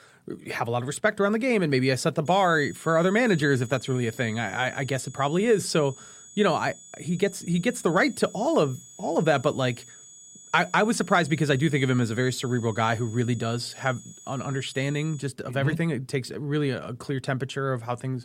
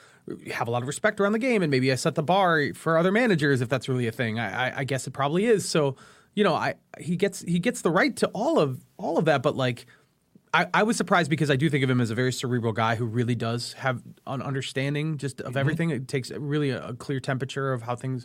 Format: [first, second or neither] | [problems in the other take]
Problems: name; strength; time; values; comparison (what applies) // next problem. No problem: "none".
second | high-pitched whine; noticeable; from 2.5 to 15 s; 7 kHz, 20 dB below the speech